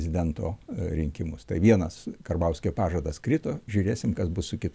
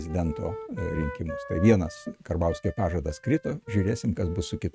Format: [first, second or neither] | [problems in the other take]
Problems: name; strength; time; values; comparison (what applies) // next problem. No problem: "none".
first | noise reduction (neural mask model RNNoise)